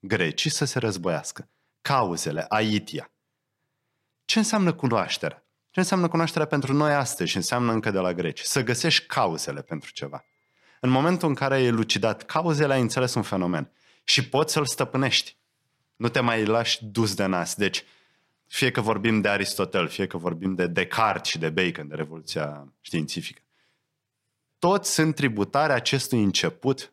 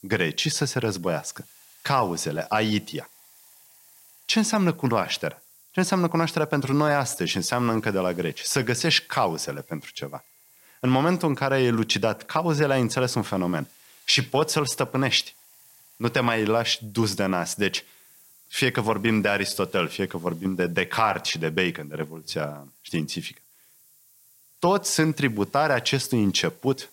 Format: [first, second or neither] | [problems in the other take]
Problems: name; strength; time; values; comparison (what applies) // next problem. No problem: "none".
first | hiss; faint; throughout; 25 dB below the speech